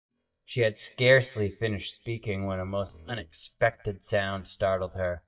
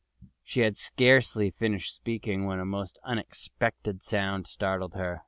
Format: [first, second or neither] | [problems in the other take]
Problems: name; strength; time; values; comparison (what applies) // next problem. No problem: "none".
second | noise reduction (neural mask model DeepFilterNet 3)